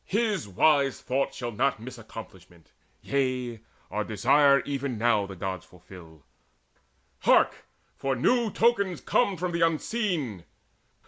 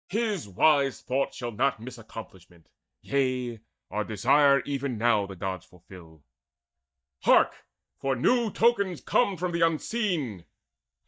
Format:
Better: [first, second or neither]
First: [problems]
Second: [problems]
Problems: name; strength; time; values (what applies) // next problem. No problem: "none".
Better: first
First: none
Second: noise reduction (neural mask model DeepFilterNet 3)